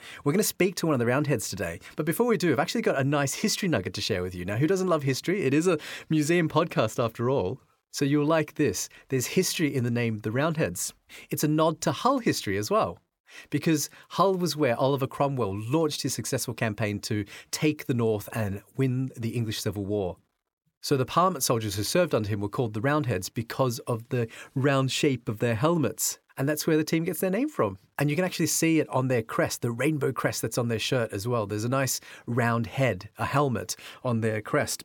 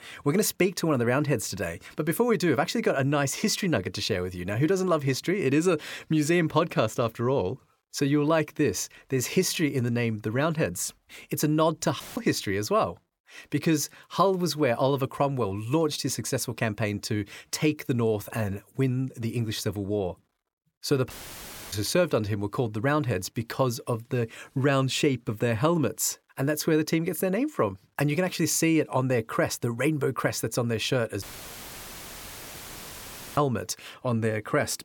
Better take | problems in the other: first | audio cutting out; filled with static; at 12 s, at 21 s for 0.5 s and at 31 s for 2 s

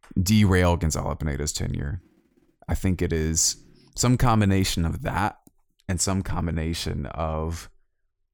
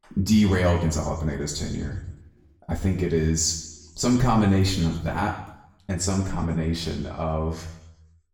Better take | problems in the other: first | room echo; noticeable; dies away in 0.8 s // off-mic speech; far

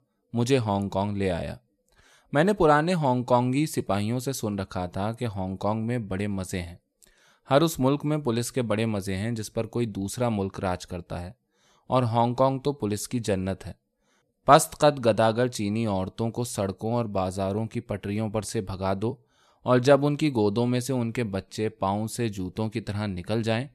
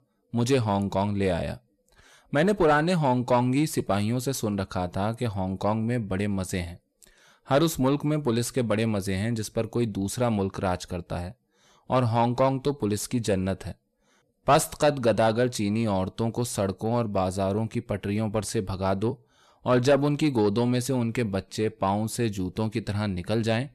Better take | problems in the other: first | distortion; slight; 10 dB below the speech

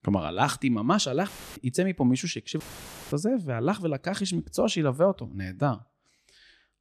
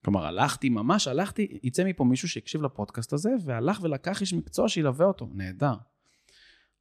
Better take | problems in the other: second | audio cutting out; filled with static; at 1.5 s and at 2.5 s for 0.5 s

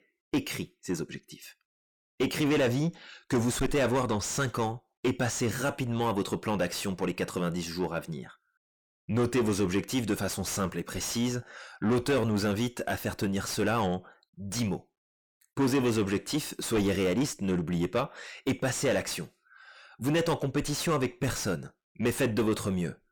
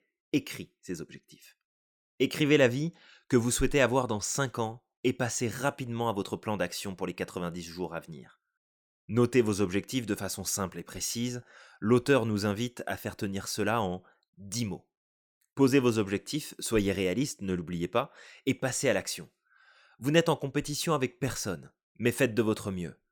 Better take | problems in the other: second | distortion; heavy; 6 dB below the speech

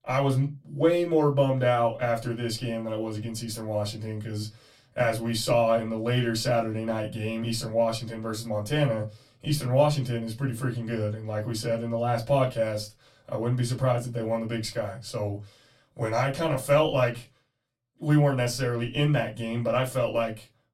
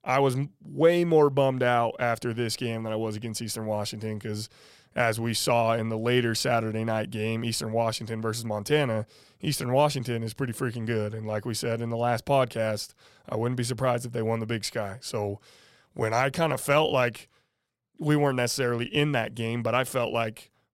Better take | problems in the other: second | off-mic speech; far // room echo; very slight; dies away in 0.2 s

